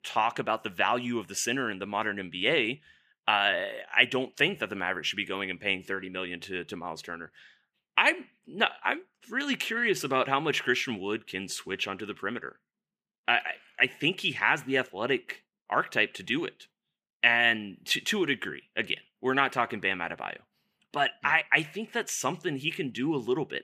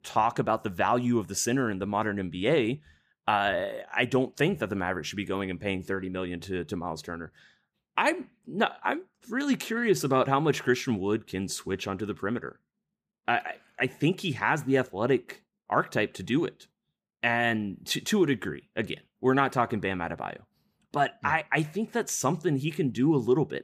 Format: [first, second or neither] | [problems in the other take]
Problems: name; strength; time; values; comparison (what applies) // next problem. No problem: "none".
second | thin; very slightly; fading below 300 Hz